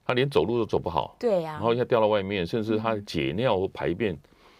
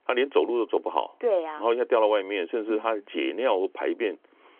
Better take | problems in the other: first | phone-call audio; nothing above 3.5 kHz

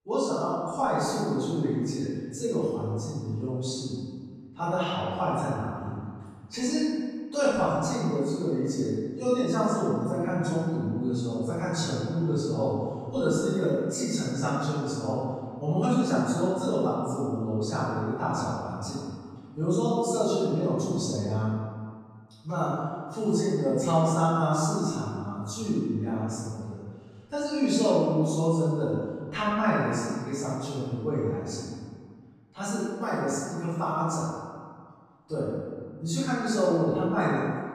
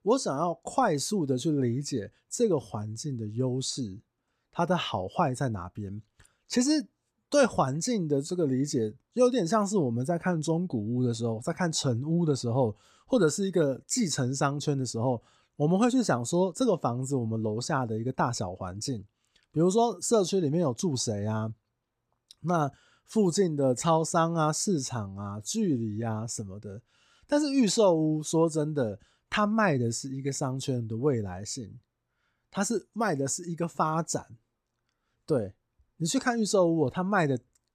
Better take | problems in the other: second | room echo; strong; dies away in 1.7 s // off-mic speech; far

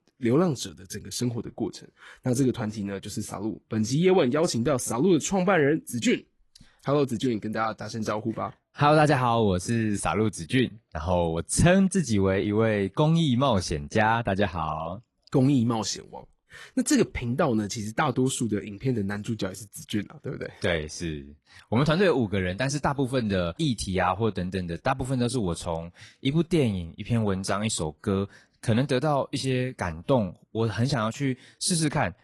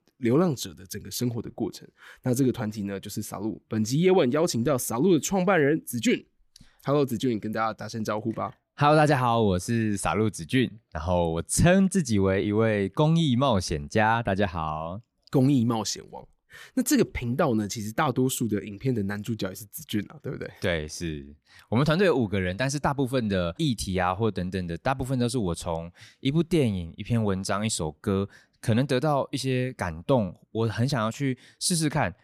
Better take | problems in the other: second | garbled, watery; slightly; nothing above 11 kHz

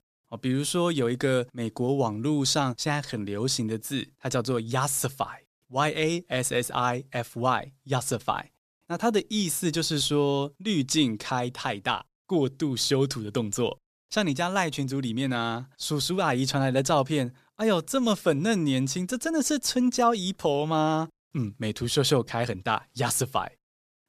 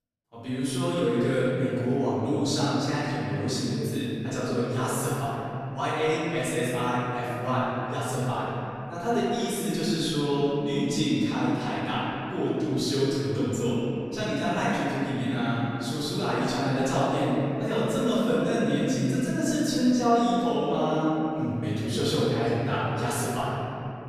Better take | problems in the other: first | room echo; strong; dies away in 3 s // off-mic speech; far

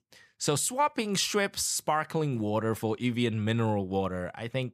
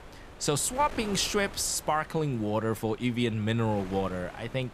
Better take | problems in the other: first | wind noise on the microphone; occasional gusts; 15 dB below the speech

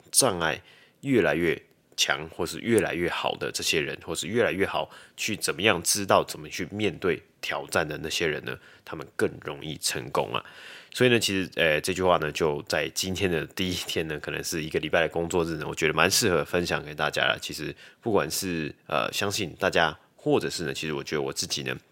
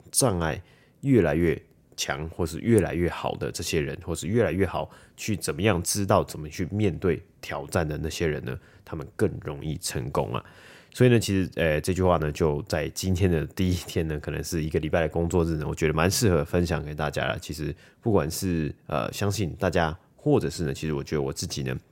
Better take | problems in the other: second | thin; very slightly; fading below 800 Hz

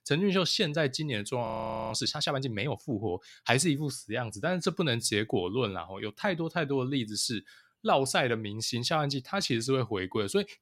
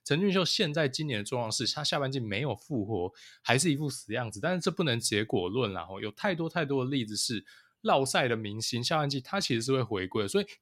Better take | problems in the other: second | audio freezing; at 1.5 s

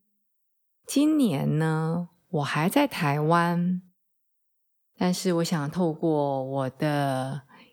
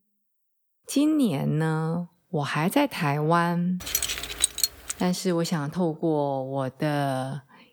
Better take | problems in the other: first | jangling keys; loud; from 4 to 5 s; peak 3 dB above the speech

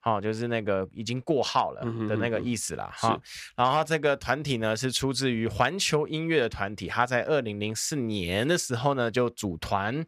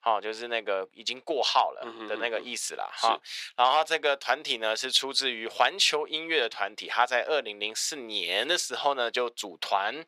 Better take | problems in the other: first | thin; very; fading below 400 Hz

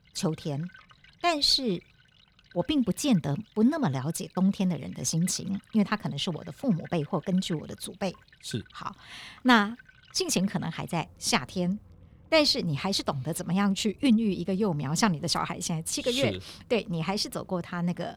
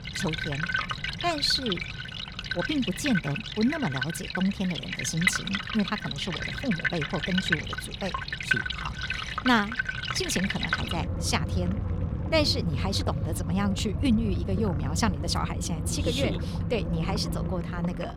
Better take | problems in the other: first | rain or running water; loud; throughout; 1 dB below the speech; faint in the first

